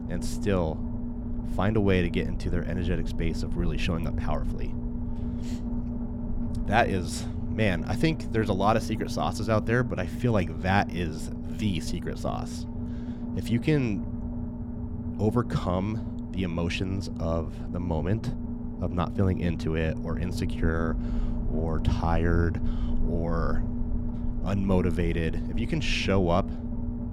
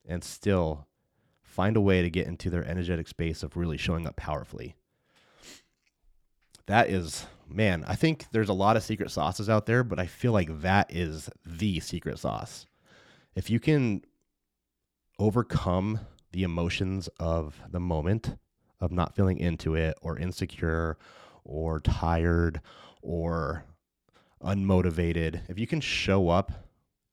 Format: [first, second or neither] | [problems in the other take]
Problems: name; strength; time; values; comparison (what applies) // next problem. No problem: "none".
second | low rumble; noticeable; throughout; 10 dB below the speech